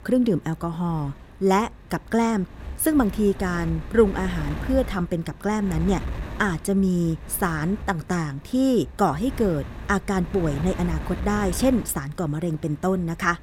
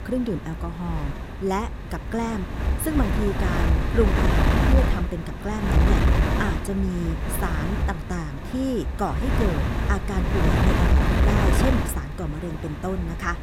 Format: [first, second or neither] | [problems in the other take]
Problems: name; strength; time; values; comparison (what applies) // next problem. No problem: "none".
first | wind noise on the microphone; heavy; 2 dB above the speech; occasional gusts in the first